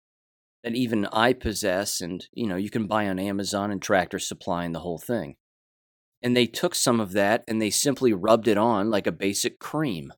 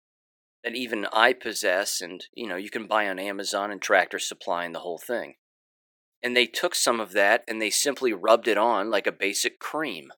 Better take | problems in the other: first | thin; somewhat; fading below 450 Hz

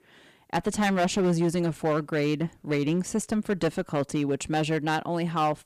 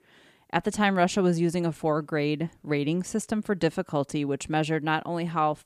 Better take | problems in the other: second | distortion; slight; 7% of the sound clipped

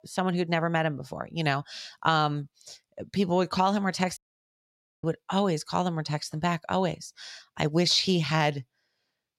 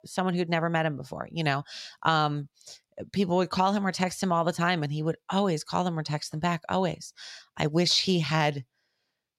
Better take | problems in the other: second | audio cutting out; at 4 s for 1 s

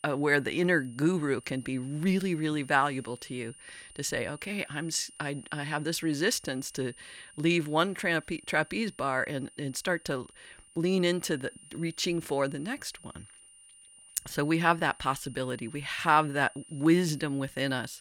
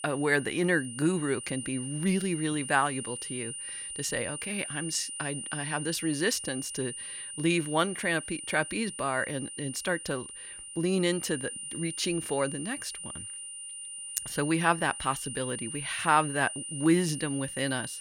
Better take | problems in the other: first | high-pitched whine; loud; throughout; 9.5 kHz, 7 dB below the speech; faint in the first

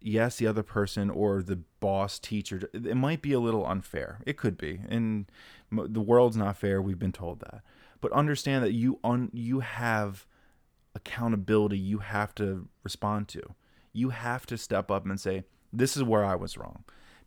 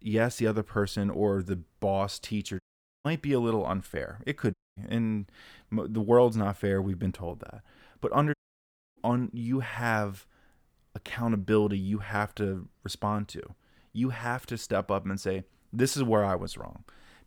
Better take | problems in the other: first | audio cutting out; at 2.5 s, at 4.5 s and at 8.5 s for 0.5 s

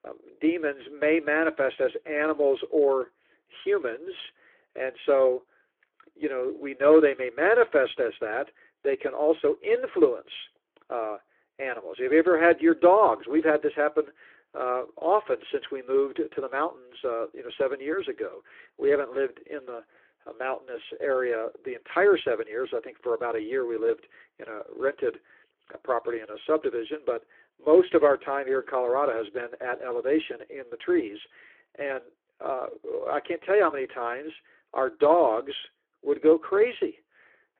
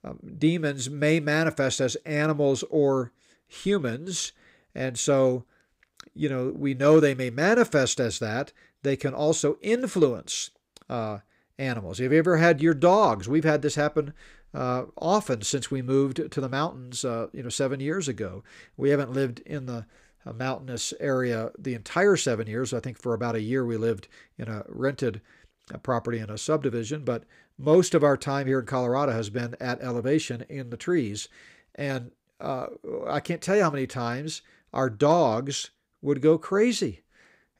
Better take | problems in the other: second | phone-call audio

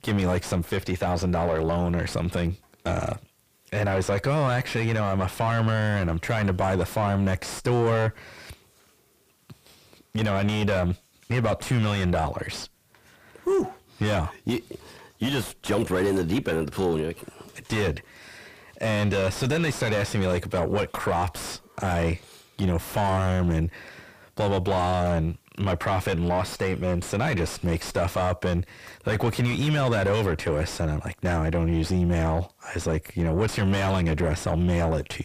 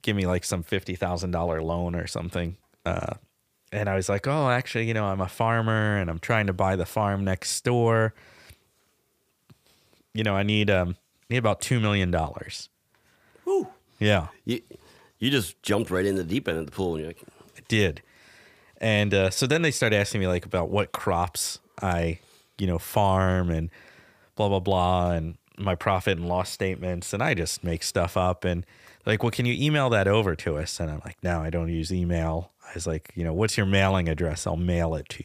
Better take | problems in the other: second | distortion; heavy; 5 dB below the speech

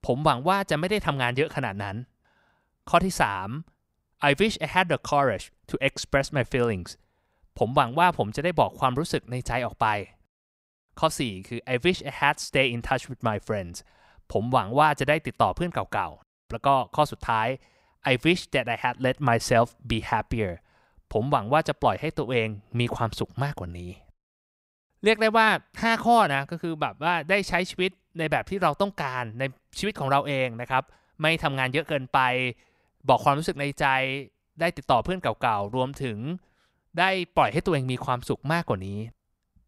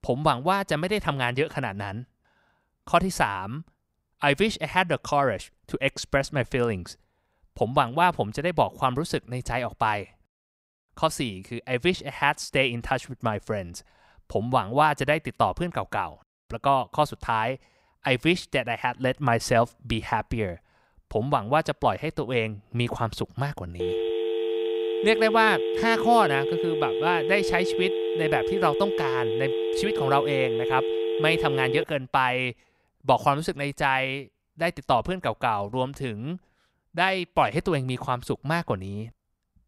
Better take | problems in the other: first | phone ringing; noticeable; from 24 to 32 s; peak 1 dB below the speech

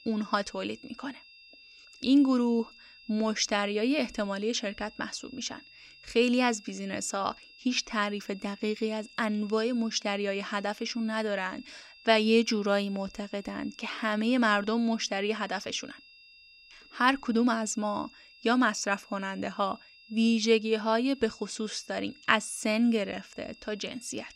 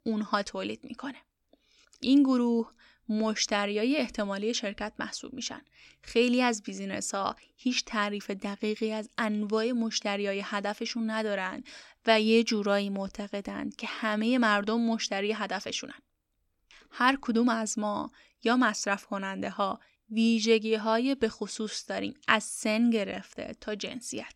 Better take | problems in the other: second | high-pitched whine; faint; throughout; 2.5 kHz, 25 dB below the speech

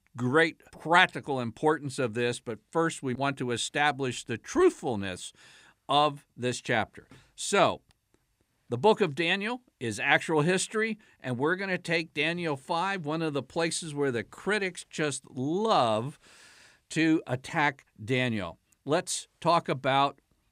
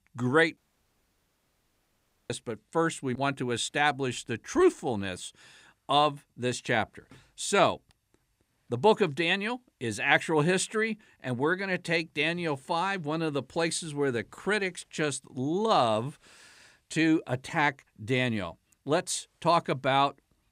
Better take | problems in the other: first | audio cutting out; at 0.5 s for 1.5 s

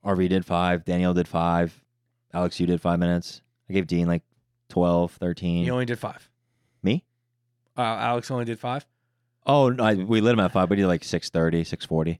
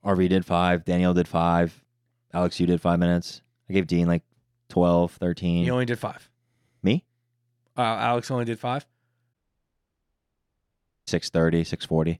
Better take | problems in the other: first | audio cutting out; at 9.5 s for 1.5 s

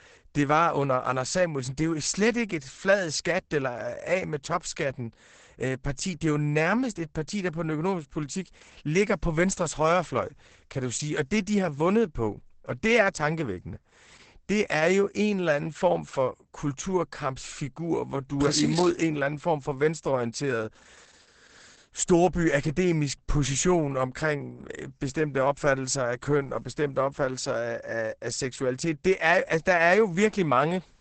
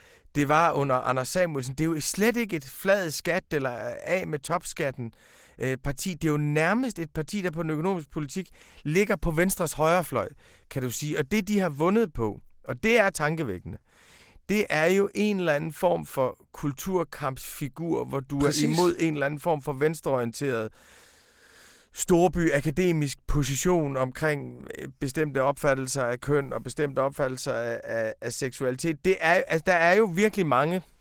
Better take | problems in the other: second | garbled, watery; badly; nothing above 8 kHz; slightly in the second

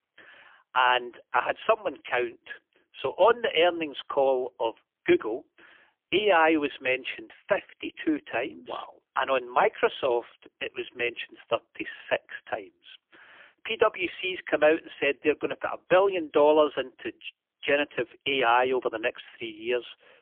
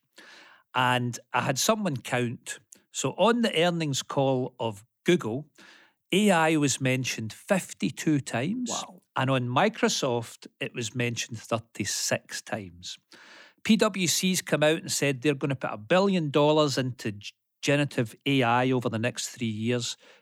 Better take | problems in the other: second | phone-call audio; poor line; nothing above 3 kHz

